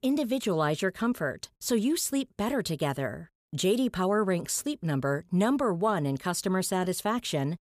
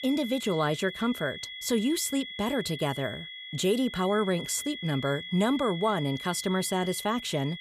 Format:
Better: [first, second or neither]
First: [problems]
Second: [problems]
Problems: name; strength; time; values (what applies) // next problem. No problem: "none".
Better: first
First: none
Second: high-pitched whine; loud; throughout; 3.5 kHz, 9 dB below the speech